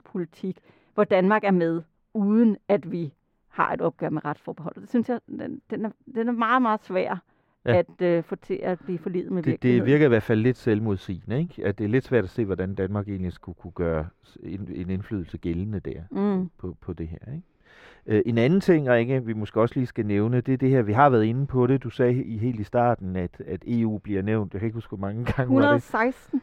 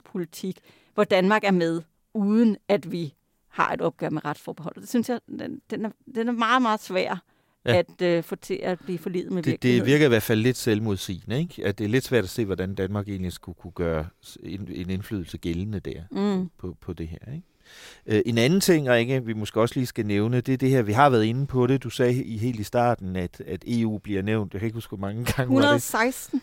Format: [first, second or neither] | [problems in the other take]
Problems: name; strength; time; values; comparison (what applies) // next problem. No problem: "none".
second | muffled; very; fading above 3.5 kHz